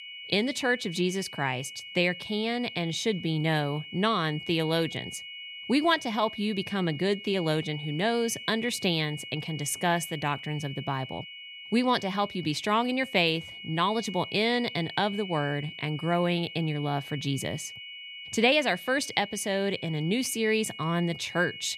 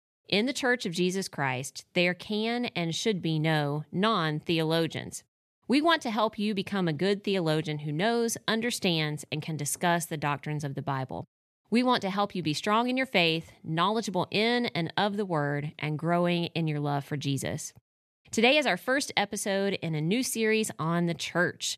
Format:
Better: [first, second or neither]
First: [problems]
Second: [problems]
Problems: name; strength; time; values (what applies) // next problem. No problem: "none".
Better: second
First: high-pitched whine; noticeable; throughout; 3 kHz, 10 dB below the speech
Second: none